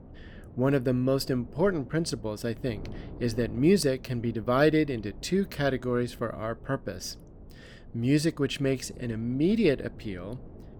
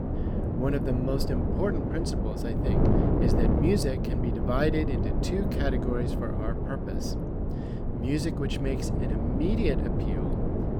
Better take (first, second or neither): first